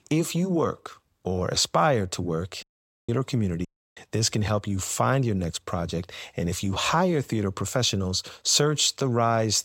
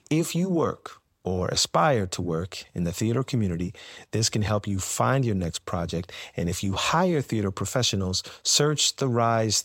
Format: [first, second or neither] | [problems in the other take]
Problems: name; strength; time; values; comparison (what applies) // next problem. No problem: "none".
second | audio cutting out; at 2.5 s and at 3.5 s